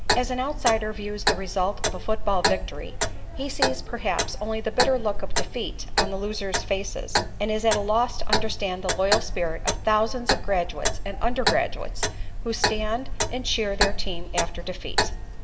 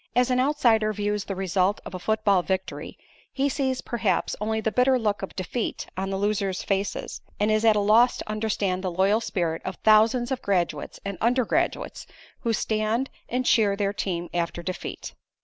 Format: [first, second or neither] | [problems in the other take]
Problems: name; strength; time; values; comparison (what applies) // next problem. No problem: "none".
second | background sound (Clock); 2 dB above the speech // room echo; dies away in 1.1 s